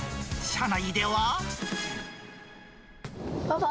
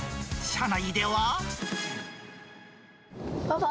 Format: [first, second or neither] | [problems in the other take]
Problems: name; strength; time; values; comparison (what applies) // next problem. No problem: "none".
second | background sound (Fireworks); 20 dB below the speech